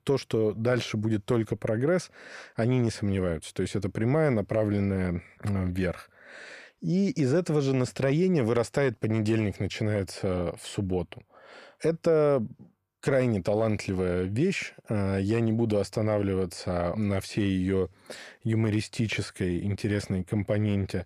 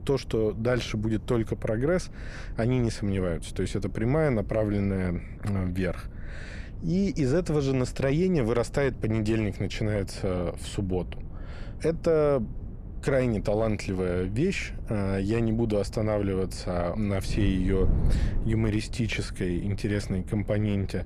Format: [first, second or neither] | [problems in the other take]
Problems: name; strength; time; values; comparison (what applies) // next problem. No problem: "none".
first | wind noise on the microphone; occasional gusts; 20 dB below the speech